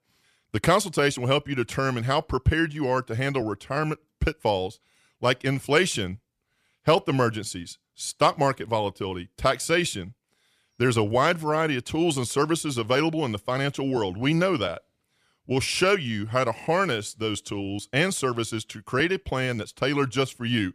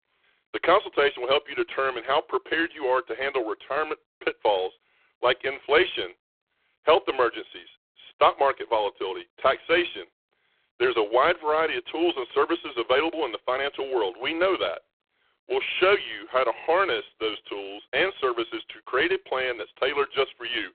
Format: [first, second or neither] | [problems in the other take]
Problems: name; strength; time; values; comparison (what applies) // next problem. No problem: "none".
first | phone-call audio; poor line